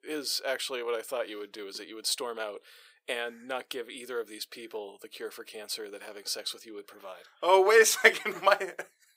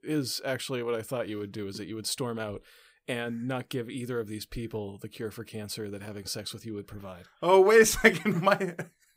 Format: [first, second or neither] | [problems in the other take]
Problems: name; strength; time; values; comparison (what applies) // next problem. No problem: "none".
second | thin; very; fading below 450 Hz